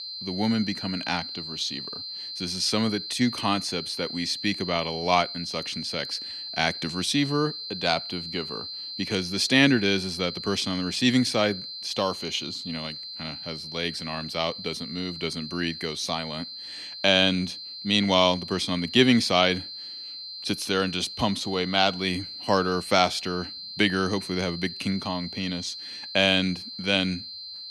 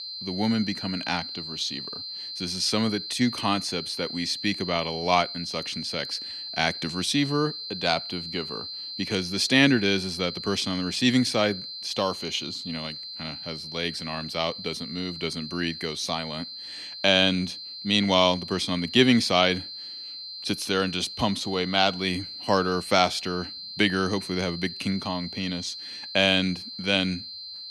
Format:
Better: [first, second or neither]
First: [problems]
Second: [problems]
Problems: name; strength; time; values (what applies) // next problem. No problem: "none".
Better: neither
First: high-pitched whine; loud; throughout; 4 kHz, 9 dB below the speech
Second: high-pitched whine; loud; throughout; 4 kHz, 9 dB below the speech